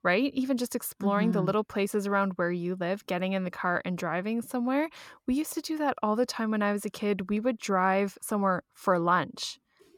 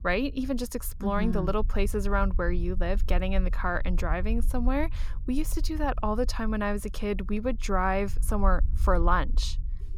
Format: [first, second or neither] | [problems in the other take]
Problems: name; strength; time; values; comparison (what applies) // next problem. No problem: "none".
first | low rumble; faint; throughout; 25 dB below the speech